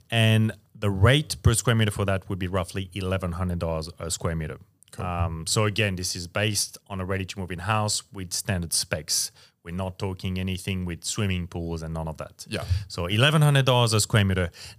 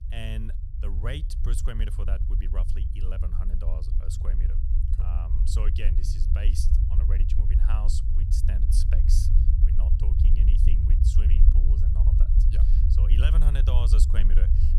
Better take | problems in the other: first | low rumble; loud; throughout; 2 dB below the speech

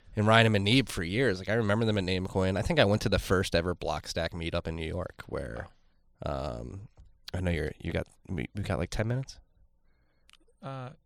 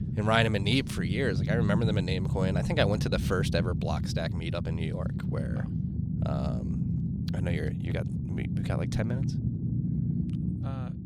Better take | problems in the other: first | low rumble; loud; throughout; 8 dB below the speech

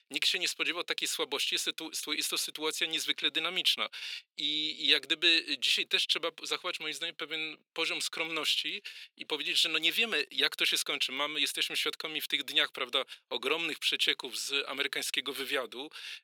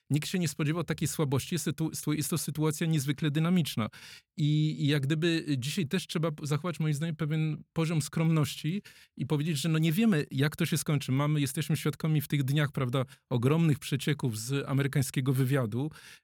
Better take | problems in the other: second | thin; very; fading below 400 Hz

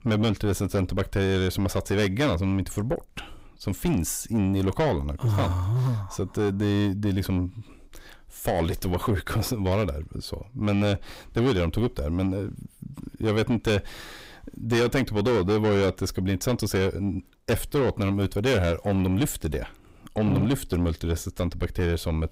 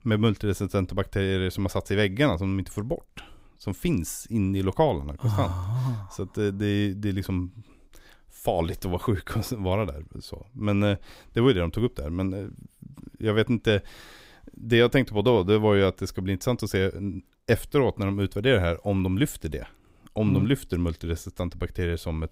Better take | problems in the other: second | distortion; heavy; 8 dB below the speech

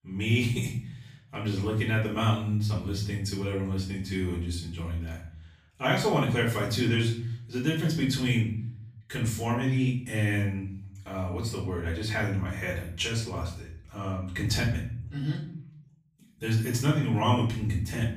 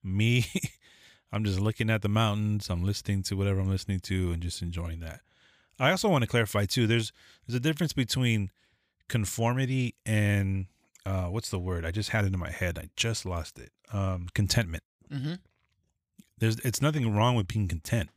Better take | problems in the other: second | off-mic speech; far // room echo; noticeable; dies away in 0.6 s

